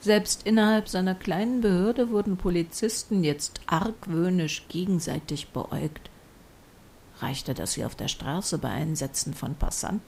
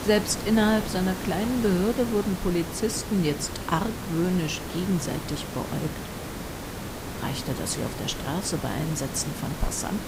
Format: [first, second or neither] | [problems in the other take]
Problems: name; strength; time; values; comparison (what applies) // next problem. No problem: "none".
first | hiss; loud; throughout; 7 dB below the speech; faint in the first